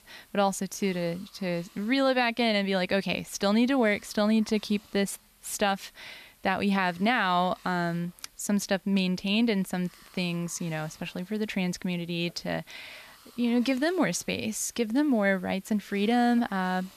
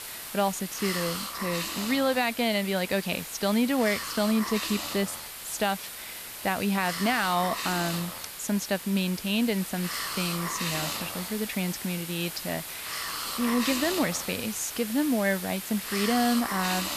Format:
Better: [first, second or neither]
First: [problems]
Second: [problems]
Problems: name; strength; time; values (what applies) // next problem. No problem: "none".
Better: first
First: hiss; faint; throughout; 25 dB below the speech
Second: hiss; loud; throughout; 5 dB below the speech